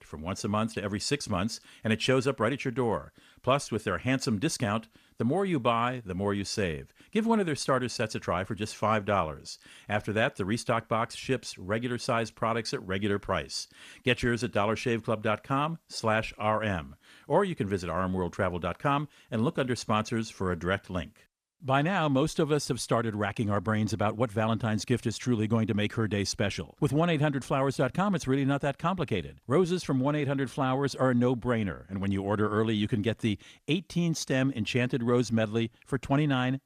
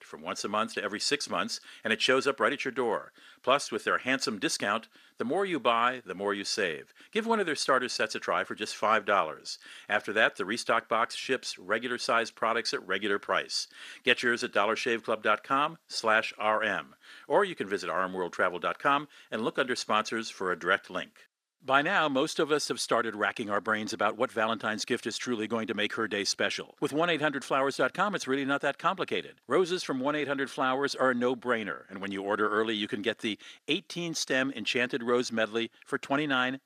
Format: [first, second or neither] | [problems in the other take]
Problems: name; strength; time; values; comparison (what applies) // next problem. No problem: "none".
first | thin; somewhat; fading below 350 Hz